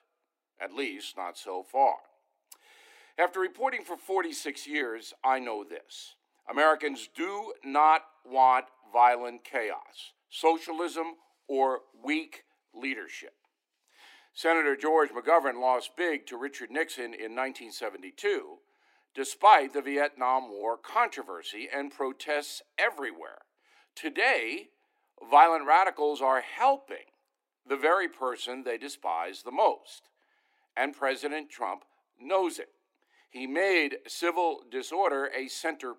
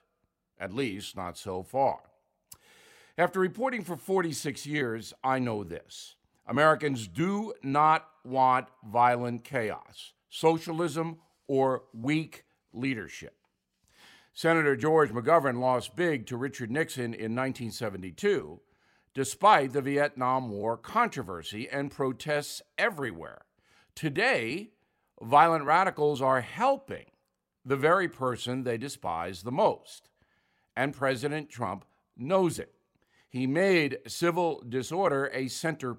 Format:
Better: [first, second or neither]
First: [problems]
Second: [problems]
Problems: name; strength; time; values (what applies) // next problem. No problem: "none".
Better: second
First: thin; somewhat; fading below 300 Hz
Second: none